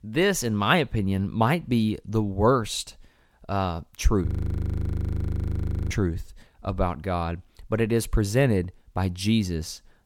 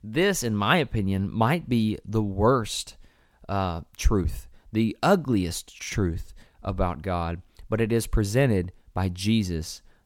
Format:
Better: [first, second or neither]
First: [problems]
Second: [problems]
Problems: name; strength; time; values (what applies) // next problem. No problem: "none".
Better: second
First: audio freezing; at 4.5 s for 1.5 s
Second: none